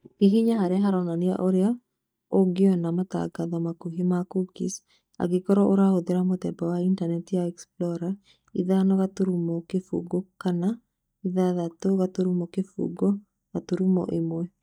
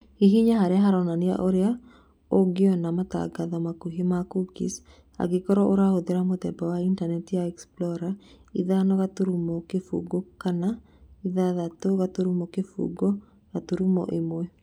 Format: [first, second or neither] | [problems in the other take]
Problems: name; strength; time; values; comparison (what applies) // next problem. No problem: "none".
second | noise reduction (neural mask model DeepFilterNet 3)